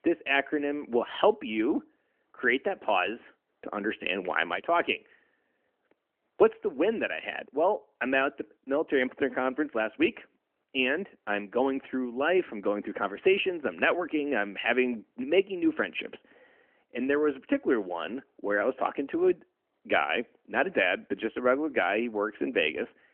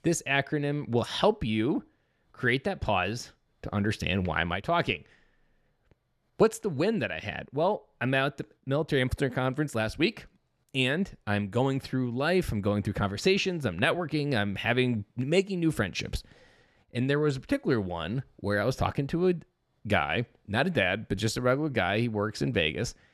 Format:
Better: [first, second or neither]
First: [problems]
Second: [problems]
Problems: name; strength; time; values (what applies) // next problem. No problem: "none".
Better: second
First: phone-call audio; nothing above 3 kHz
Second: none